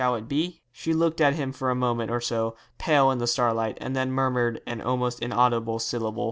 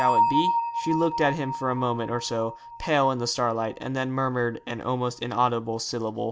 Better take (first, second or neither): first